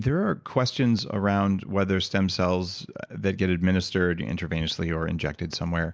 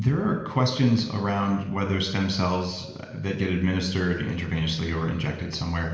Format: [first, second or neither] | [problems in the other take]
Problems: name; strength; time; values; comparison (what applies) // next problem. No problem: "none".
first | room echo; dies away in 1.1 s